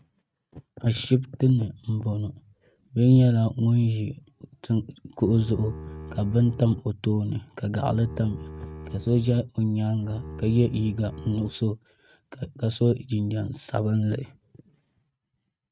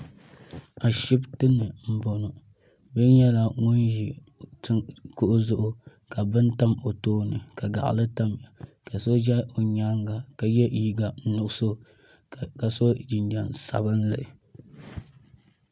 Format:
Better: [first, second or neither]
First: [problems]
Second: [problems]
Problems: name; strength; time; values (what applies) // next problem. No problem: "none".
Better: second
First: noise reduction (neural mask model RNNoise)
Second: none